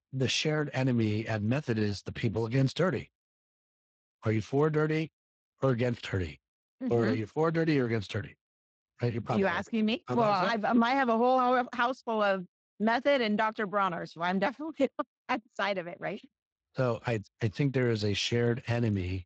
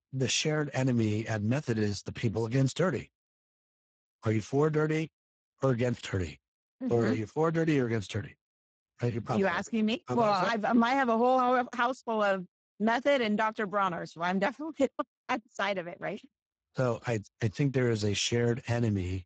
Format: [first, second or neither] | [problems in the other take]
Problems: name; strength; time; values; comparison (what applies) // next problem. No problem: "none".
first | garbled, watery; badly; nothing above 7.5 kHz; slightly in the first